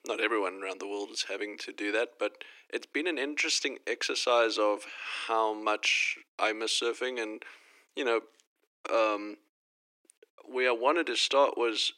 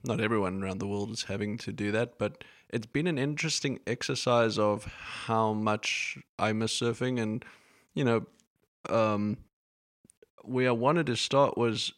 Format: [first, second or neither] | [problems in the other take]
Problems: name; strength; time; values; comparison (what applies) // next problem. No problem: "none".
second | thin; very; fading below 300 Hz